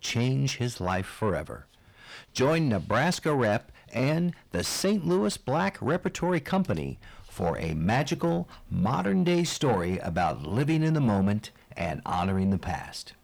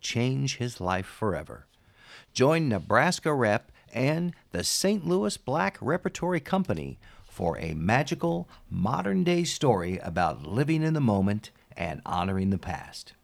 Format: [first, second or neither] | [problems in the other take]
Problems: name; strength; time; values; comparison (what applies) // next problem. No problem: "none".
second | distortion; slight; 10 dB below the speech